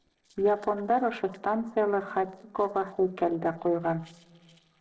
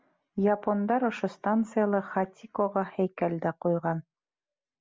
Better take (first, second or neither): second